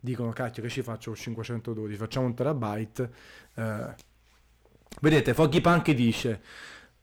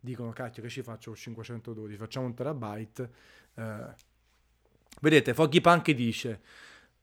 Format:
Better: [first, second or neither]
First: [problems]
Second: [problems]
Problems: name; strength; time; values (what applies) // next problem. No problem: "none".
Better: second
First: distortion; heavy; 5 dB below the speech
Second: none